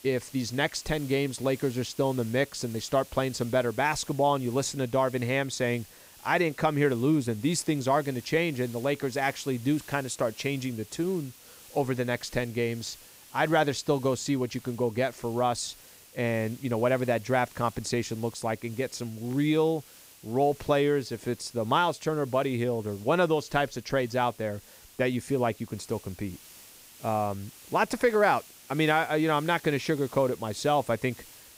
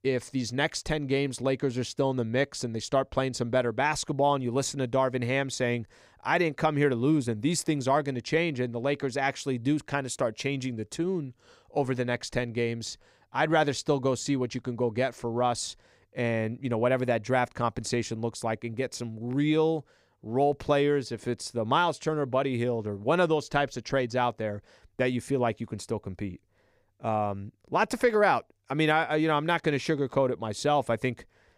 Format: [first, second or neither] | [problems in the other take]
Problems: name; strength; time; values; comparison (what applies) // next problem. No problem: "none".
second | hiss; faint; throughout; 20 dB below the speech